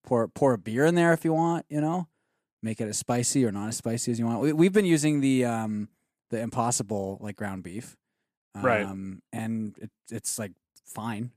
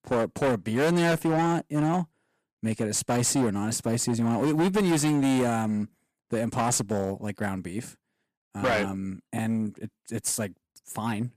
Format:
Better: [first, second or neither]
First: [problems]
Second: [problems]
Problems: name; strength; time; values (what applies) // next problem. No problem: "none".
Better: first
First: none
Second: distortion; heavy; 13% of the sound clipped